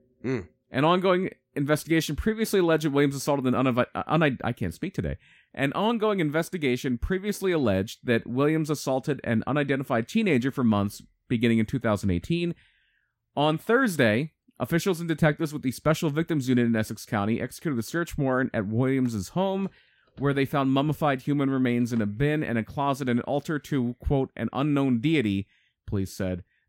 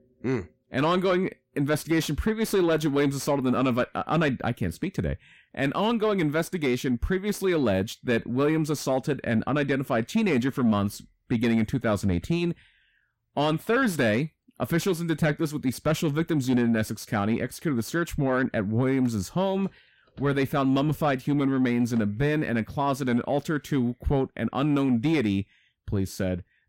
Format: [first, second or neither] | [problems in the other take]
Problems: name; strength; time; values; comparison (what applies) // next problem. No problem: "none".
first | distortion; slight; 10 dB below the speech